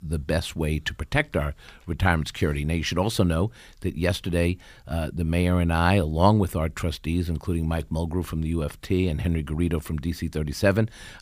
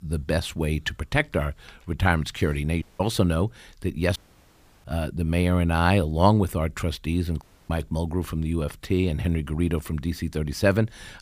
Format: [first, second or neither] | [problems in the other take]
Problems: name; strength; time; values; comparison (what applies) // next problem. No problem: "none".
first | audio cutting out; at 3 s, at 4 s for 0.5 s and at 7.5 s